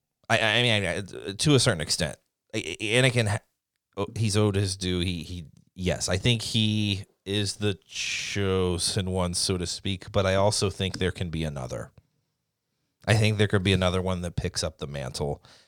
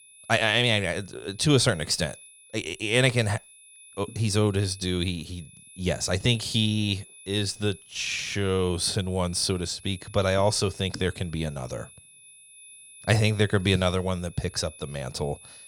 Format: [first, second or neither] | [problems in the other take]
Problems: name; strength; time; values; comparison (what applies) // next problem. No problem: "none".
first | high-pitched whine; faint; throughout; 10.5 kHz, 20 dB below the speech